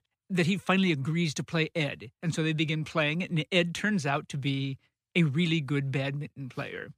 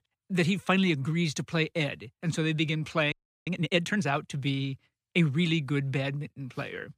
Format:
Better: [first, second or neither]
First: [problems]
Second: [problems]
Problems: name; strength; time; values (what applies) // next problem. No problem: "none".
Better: first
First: none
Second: audio freezing; at 3 s